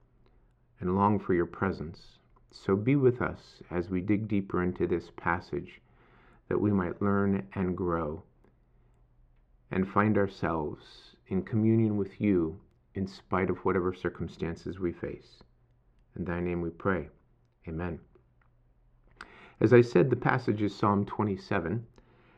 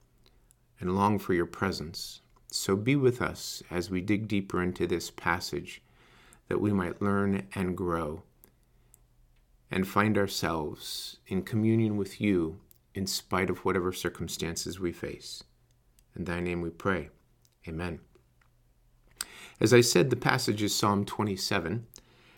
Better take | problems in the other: second | muffled; very; fading above 1.5 kHz

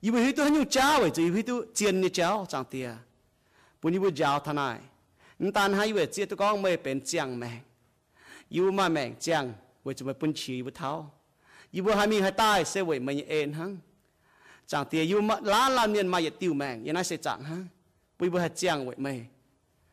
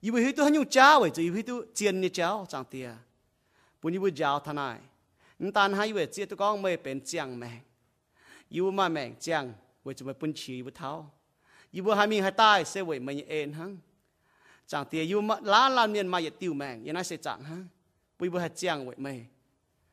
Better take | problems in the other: second | distortion; heavy; 7% of the sound clipped

